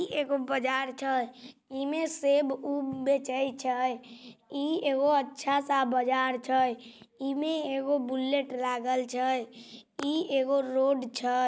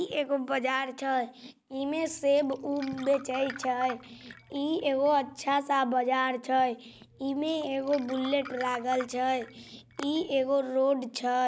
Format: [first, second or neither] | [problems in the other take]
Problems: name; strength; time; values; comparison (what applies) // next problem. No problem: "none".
first | background sound (Glass); 18 dB below the speech